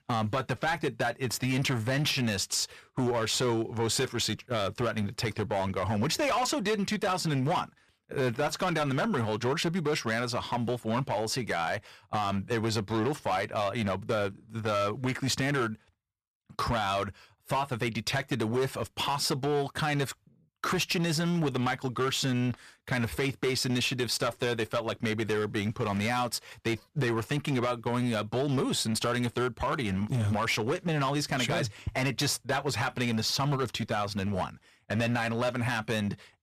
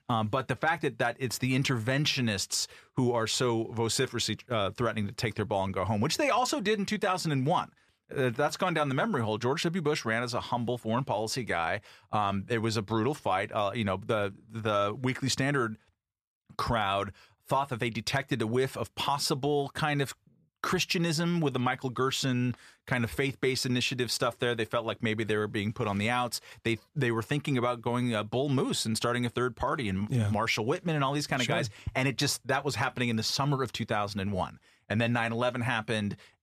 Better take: second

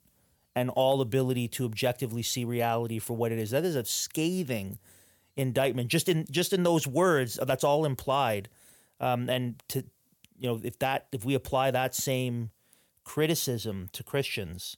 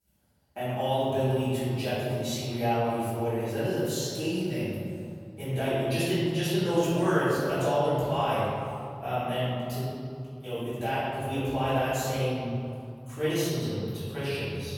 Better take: first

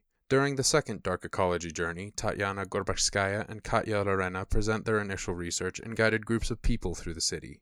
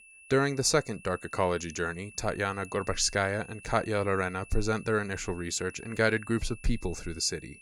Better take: first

